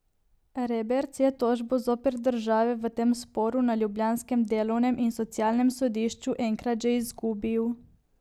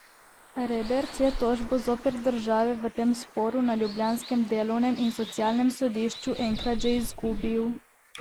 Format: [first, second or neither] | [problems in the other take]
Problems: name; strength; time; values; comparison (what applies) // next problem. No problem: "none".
first | noise reduction (neural mask model Resemble Enhance denoiser)